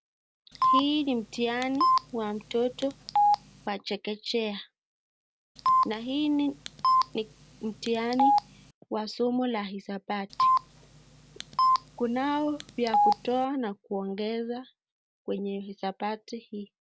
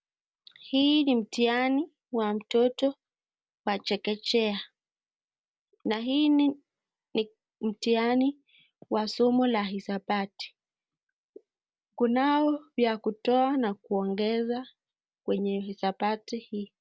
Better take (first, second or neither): second